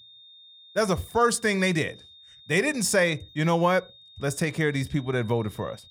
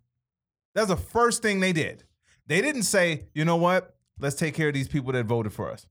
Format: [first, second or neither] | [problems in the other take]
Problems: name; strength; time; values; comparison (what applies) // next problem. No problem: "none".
second | high-pitched whine; faint; throughout; 3.5 kHz, 25 dB below the speech